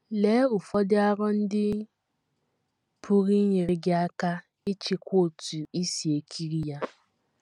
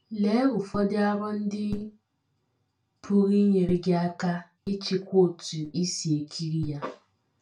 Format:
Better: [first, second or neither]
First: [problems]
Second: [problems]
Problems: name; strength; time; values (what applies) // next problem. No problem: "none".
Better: first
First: none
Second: room echo; dies away in 0.2 s